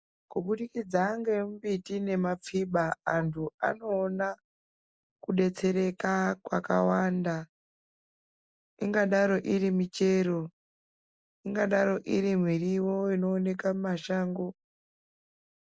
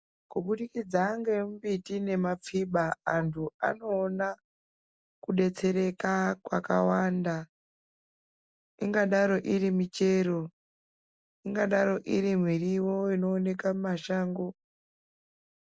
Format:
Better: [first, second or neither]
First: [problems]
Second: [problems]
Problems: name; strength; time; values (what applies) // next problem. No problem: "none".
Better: second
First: noise reduction (neural mask model Resemble Enhance denoiser)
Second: none